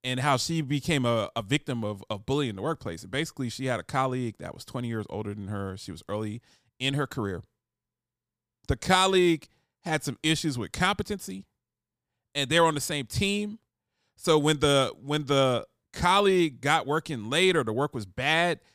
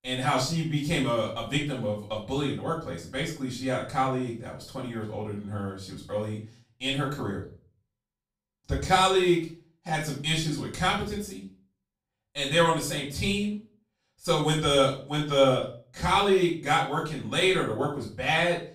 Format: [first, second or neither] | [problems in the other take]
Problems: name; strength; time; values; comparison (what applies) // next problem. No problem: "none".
first | off-mic speech; far // room echo; slight; dies away in 0.3 s